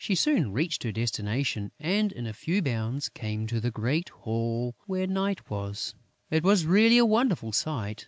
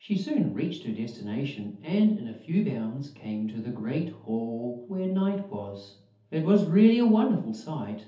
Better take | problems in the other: first | room echo; dies away in 0.6 s

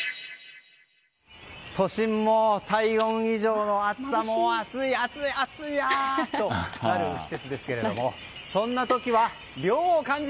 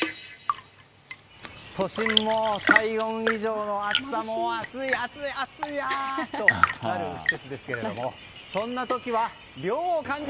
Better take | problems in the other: first | background sound (Tap / Fill (with liquid) / Trickle, dribble / Chirp, tweet / Engine); 1 dB below the speech

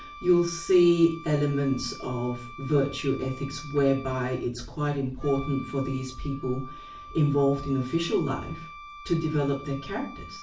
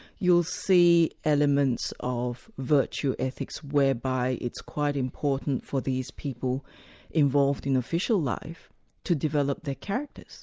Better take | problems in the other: second | background sound (Wind instrument, woodwind instrument); 17 dB below the speech // room echo; dies away in 0.3 s

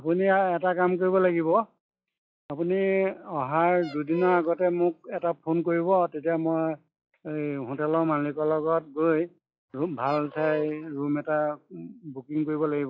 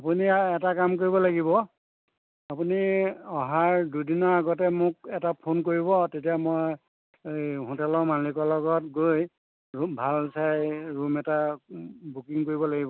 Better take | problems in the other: second | noise reduction (classical method log-MMSE)

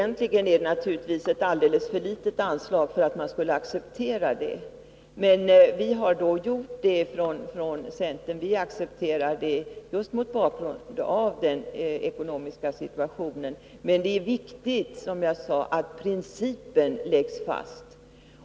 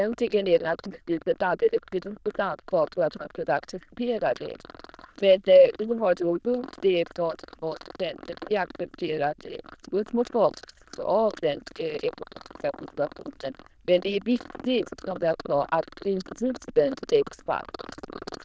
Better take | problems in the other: first | noise reduction (neural diffusion model UNIVERSE++)

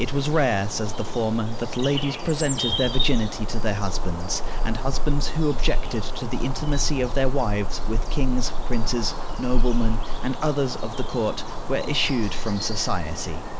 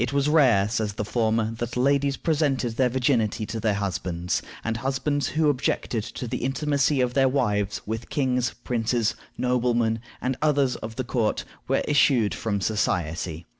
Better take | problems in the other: second | background sound (Bird vocalization, bird call, bird song); 5 dB above the speech

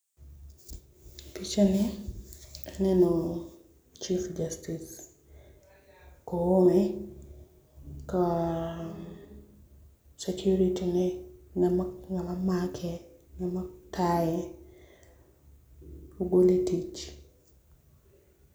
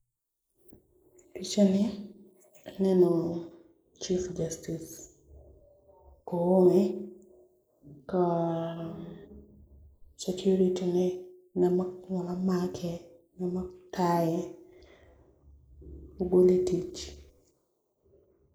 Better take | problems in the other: first | noise reduction (neural mask model Resemble Enhance denoiser)

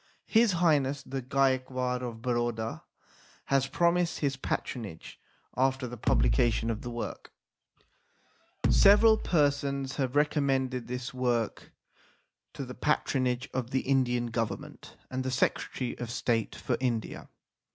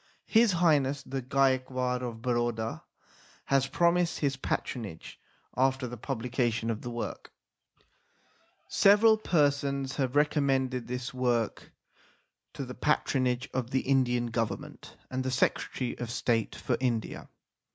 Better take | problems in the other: second | background sound (Bass drum); 1 dB above the speech

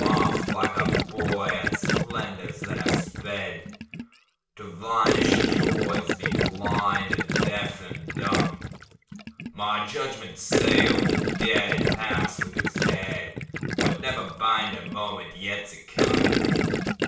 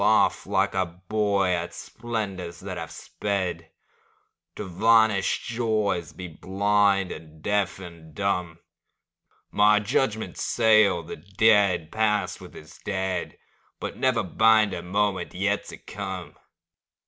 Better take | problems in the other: second | background sound (Gurgling); 4 dB above the speech // room echo; dies away in 0.5 s

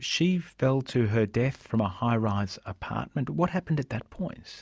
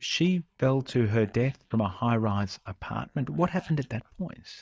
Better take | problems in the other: first | noise reduction (neural mask model DeepFilterNet 3)

